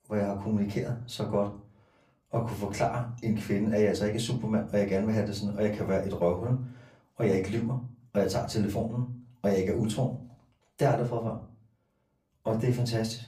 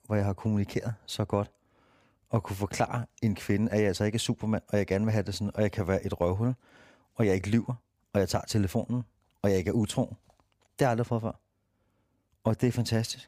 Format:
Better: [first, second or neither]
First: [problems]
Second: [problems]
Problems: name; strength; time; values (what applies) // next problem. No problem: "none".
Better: second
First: off-mic speech; far // room echo; very slight; dies away in 0.4 s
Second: none